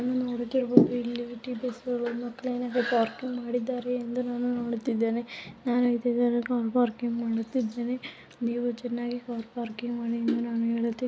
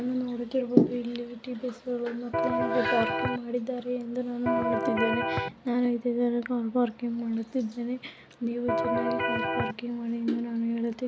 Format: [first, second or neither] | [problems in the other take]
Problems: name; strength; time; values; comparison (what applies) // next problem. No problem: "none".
first | background sound (Electric guitar); 1 dB above the speech